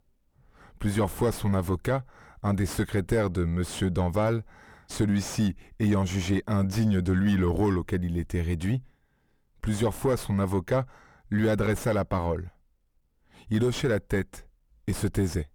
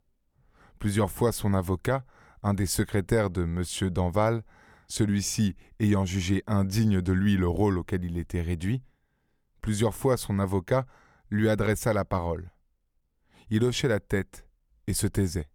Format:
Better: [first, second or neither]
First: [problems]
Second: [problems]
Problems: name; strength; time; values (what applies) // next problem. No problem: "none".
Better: second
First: distortion; slight; 9 dB below the speech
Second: none